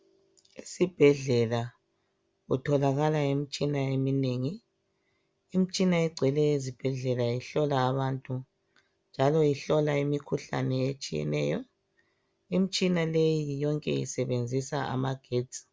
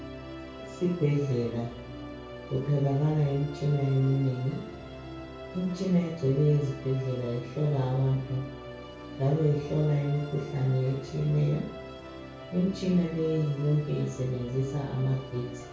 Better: first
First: none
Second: background sound (Musical instrument); 13 dB below the speech // room echo; dies away in 0.5 s

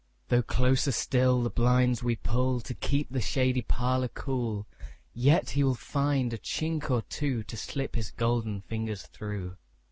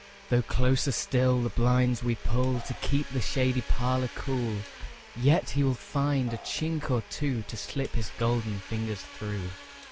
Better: first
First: none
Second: background sound (Burping, eructation + Domestic sounds, home sounds); 20 dB below the speech

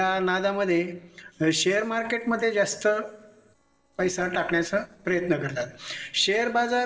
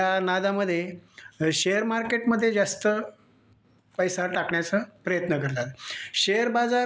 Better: second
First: noise reduction (neural separator model SepFormer DNS4)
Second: none

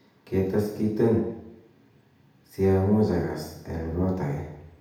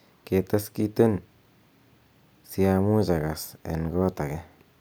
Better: second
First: room echo; dies away in 0.8 s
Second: none

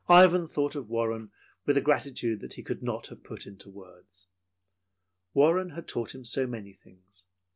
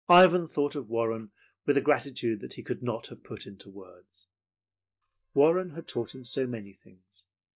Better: first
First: none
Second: noise reduction (neural mask model DeepFilterNet 3)

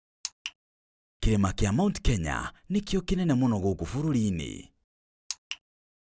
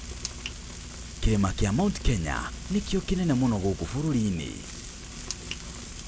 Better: first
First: none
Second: background sound (Frying (food)); 10 dB below the speech

